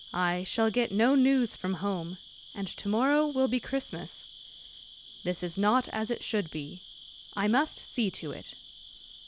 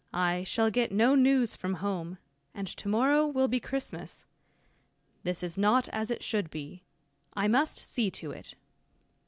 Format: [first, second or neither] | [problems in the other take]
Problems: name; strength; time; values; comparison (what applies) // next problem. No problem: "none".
second | background sound (Cricket); 18 dB below the speech